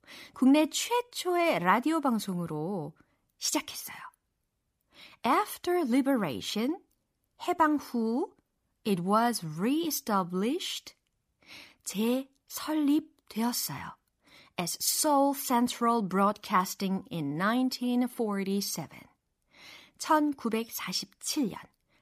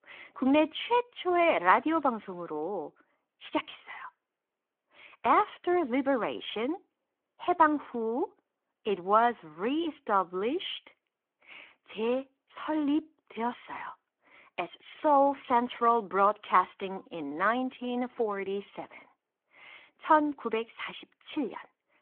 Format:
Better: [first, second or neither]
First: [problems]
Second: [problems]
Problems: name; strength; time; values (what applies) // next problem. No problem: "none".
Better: first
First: none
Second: phone-call audio